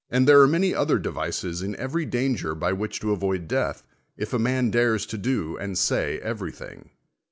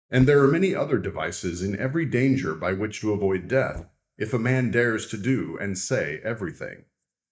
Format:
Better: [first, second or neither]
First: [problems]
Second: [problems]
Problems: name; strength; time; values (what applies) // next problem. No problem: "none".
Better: first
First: none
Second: noise reduction (neural mask model DeepFilterNet 3)